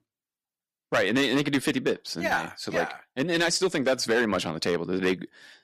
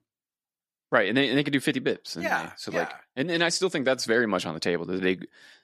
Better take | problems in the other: second | distortion; slight; 4% of the sound clipped

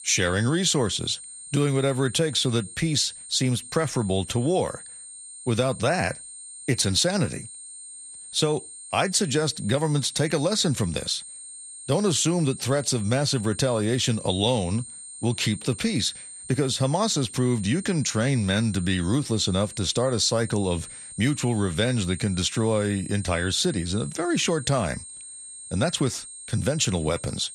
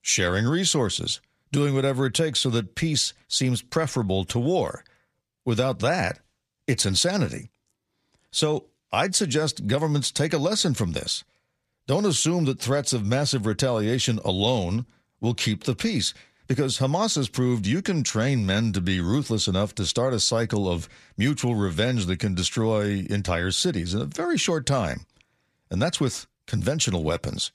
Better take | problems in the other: second | high-pitched whine; noticeable; throughout; 8.5 kHz, 15 dB below the speech

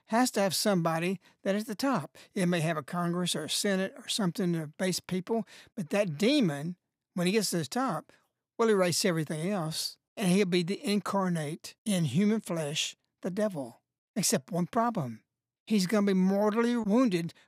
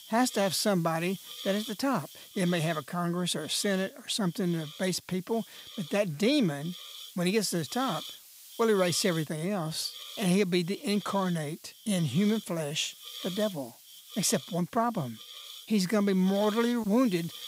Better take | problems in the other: first | hiss; noticeable; throughout; 15 dB below the speech

